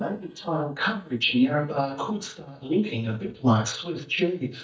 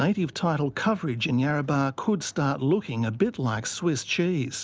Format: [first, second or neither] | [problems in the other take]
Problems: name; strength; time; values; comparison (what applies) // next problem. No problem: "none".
second | noise reduction (neural mask model DeepFilterNet 3)